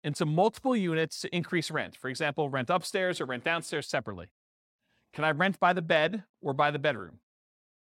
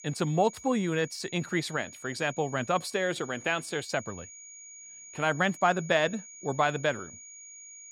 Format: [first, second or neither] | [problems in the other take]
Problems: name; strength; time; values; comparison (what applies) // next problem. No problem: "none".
first | high-pitched whine; noticeable; throughout; 6.5 kHz, 15 dB below the speech